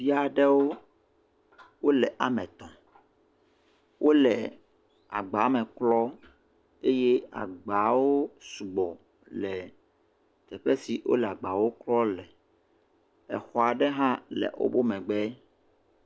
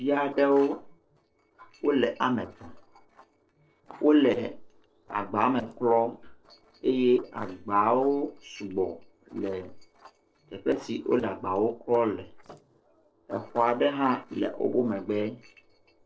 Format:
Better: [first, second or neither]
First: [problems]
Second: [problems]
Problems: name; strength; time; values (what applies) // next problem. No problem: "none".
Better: first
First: none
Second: noise reduction (neural separator model SepFormer DNS4)